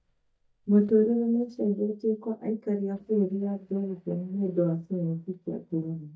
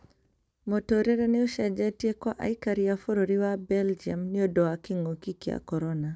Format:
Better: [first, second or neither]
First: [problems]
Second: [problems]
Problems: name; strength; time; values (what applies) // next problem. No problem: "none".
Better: second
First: noise reduction (neural mask model DeepFilterNet 3)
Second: none